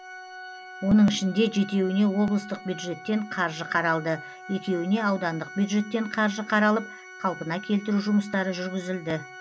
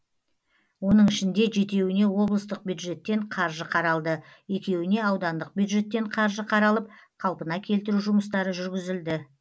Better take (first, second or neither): second